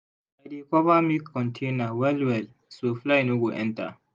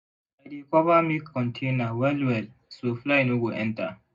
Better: first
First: none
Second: room echo; dies away in 0.3 s

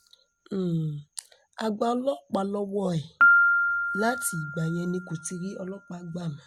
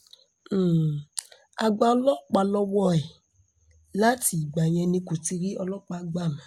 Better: second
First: background sound (Piano); 2 dB above the speech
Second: none

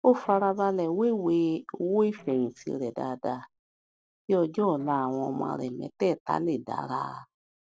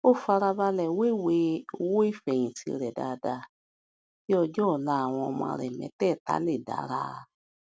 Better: second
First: noise reduction (neural separator model SepFormer DNS4)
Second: none

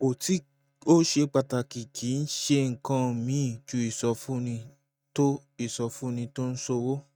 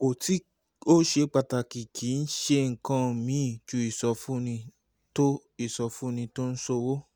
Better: second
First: noise reduction (neural mask model RNNoise)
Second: none

